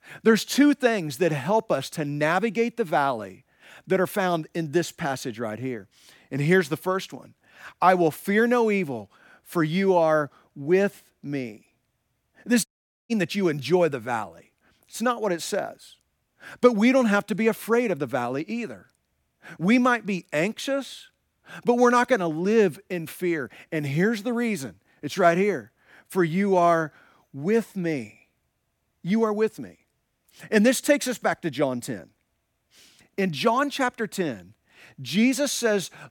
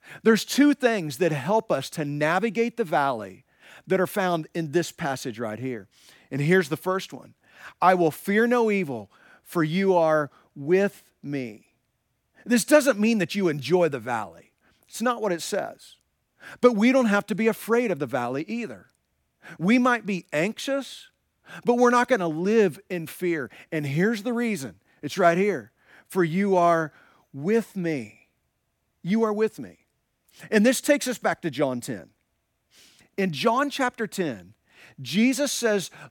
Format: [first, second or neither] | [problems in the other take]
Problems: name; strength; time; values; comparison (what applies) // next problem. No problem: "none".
second | audio cutting out; at 13 s